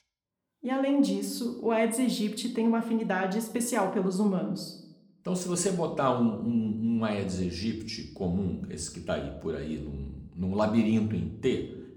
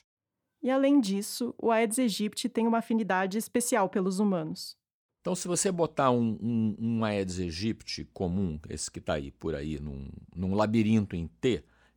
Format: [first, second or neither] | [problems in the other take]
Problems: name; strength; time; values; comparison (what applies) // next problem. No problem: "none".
second | room echo; slight; dies away in 0.6 s